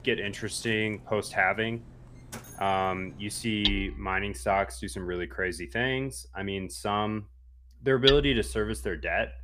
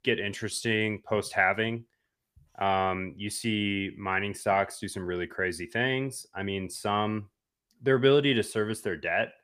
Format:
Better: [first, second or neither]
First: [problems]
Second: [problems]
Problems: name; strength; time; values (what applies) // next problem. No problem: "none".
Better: second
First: machinery noise; loud; throughout; 4 dB below the speech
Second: none